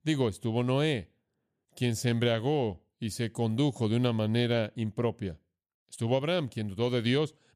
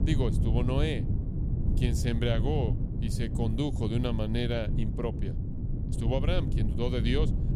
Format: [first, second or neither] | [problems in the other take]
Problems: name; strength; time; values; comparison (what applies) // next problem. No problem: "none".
first | low rumble; loud; throughout; 7 dB below the speech